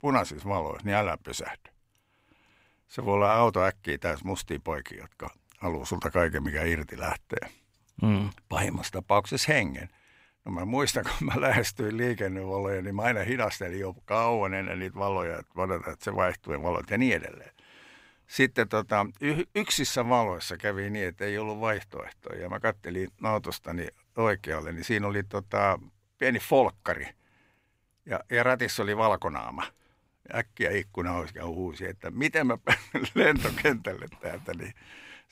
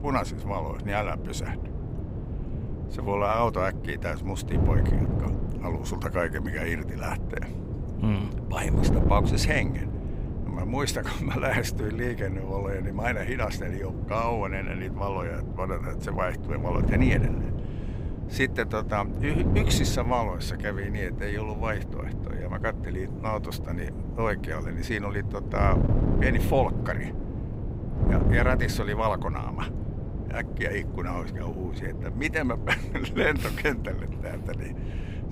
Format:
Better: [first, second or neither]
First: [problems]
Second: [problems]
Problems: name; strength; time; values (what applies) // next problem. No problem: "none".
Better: first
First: none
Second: wind noise on the microphone; heavy; 9 dB below the speech